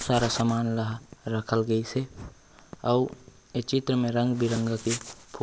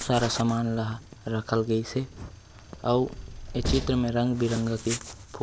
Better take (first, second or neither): first